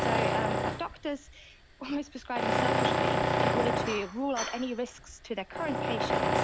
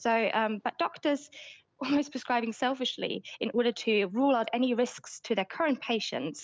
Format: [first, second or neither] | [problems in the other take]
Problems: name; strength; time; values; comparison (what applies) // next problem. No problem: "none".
second | background sound (Tools); 5 dB above the speech